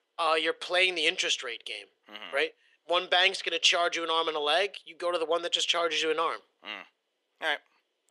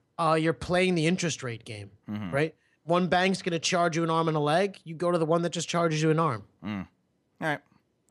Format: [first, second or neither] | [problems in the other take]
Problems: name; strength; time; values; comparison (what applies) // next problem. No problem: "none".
second | thin; very; fading below 450 Hz